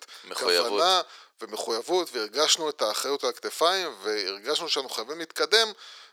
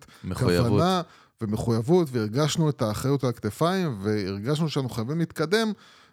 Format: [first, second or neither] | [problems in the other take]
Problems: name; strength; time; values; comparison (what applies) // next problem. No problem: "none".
second | thin; very; fading below 450 Hz